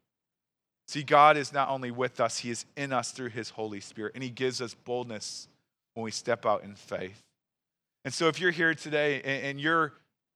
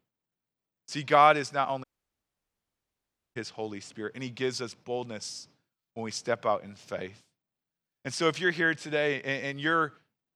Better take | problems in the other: first | audio cutting out; at 2 s for 1.5 s

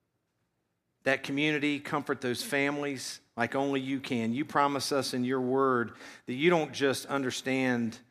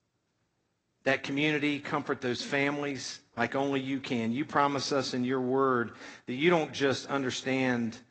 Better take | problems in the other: first | garbled, watery; slightly; nothing above 7.5 kHz

